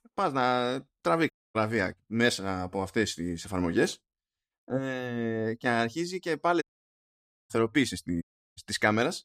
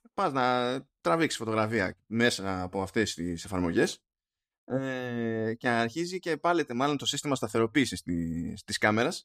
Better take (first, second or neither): second